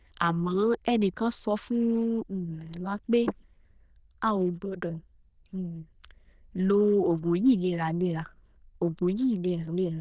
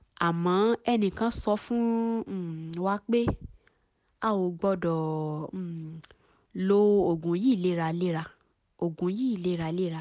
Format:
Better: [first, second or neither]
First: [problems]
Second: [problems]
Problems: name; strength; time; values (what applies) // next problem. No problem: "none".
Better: second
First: noise reduction (neural diffusion model UNIVERSE++)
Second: none